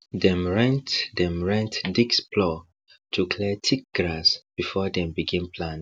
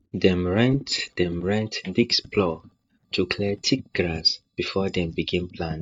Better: first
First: none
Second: noise reduction (neural mask model DeepFilterNet 3)

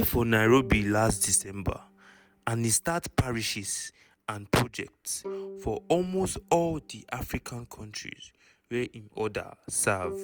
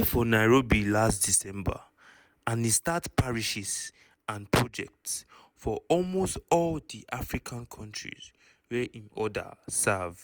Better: second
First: background sound (Bowed string instrument); 17 dB below the speech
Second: none

